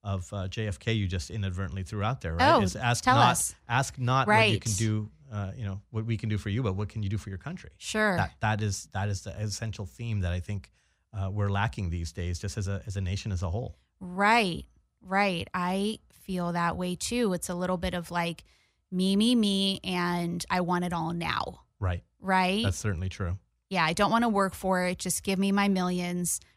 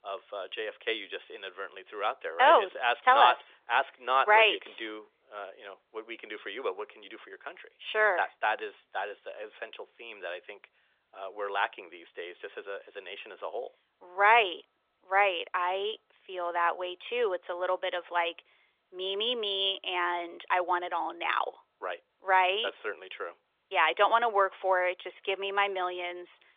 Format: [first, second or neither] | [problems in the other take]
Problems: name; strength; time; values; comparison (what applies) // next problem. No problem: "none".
first | phone-call audio; nothing above 3.5 kHz